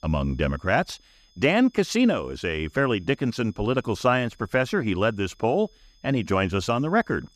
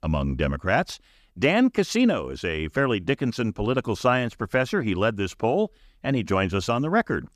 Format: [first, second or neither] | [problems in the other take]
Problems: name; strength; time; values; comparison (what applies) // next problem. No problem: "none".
second | high-pitched whine; faint; throughout; 5 kHz, 35 dB below the speech